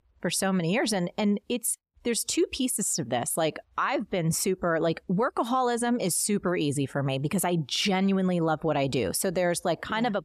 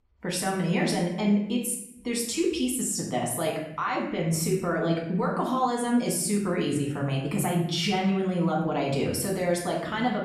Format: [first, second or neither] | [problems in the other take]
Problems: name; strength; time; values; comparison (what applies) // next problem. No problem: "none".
first | room echo; noticeable; dies away in 0.7 s // off-mic speech; far